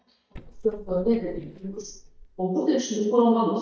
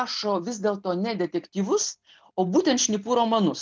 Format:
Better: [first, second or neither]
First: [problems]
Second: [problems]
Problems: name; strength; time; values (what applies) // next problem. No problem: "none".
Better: second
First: noise reduction (neural mask model DeepFilterNet 3)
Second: none